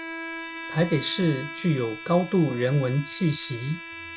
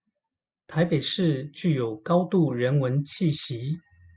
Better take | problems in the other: second | background sound (Bowed string instrument); 12 dB below the speech

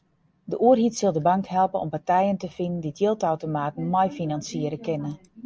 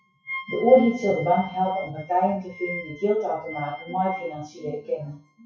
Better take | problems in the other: first | noise reduction (classical method WPE with log-MMSE)

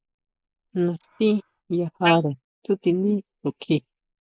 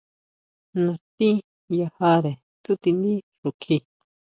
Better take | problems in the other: second | noise reduction (neural mask model Resemble Enhance denoiser)

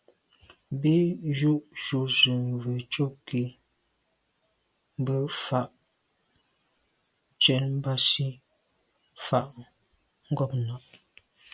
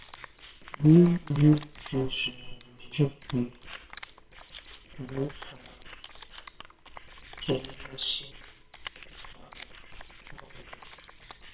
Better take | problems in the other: first | noise reduction (neural separator model SepFormer WHAMR!)

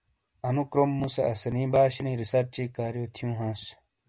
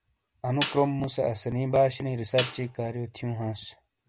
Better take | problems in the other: first | background sound (Snare drum); 11 dB below the speech

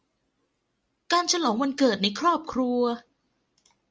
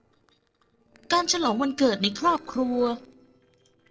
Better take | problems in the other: first | noise reduction (neural separator model SepFormer DNS4)

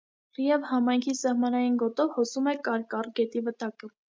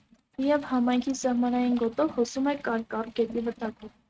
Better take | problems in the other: first | noise reduction (neural mask model RNNoise)

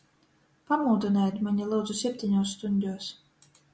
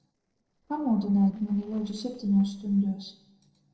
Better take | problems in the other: first | noise reduction (neural separator model SepFormer DNS4)

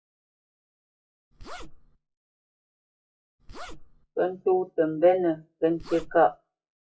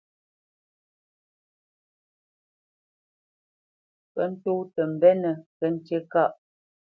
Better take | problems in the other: second | noise reduction (classical method WPE with log-MMSE)

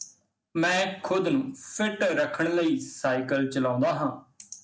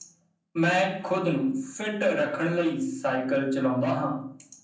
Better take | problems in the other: first | room echo; dies away in 0.6 s

